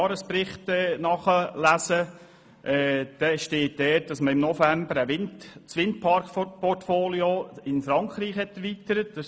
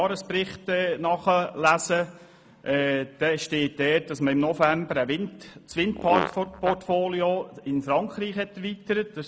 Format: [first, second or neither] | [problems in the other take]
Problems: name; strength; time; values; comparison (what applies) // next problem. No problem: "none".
first | background sound (Fart); 6 dB below the speech